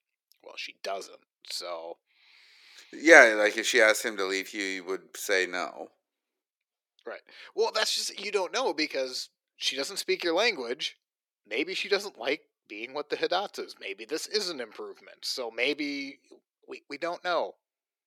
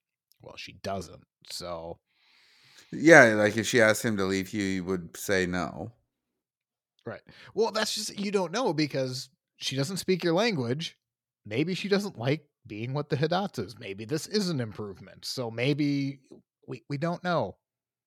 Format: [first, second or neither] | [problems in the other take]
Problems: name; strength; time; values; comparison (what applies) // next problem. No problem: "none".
second | thin; somewhat; fading below 350 Hz